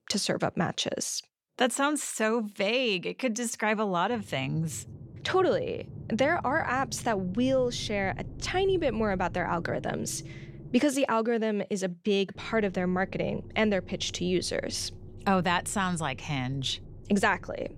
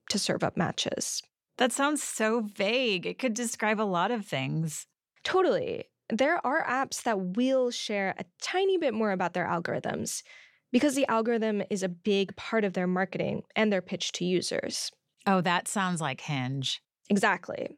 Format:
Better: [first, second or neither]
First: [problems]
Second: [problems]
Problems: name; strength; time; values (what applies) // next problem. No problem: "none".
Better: second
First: low rumble; faint; from 4 to 11 s and from 12 s on; 25 dB below the speech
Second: none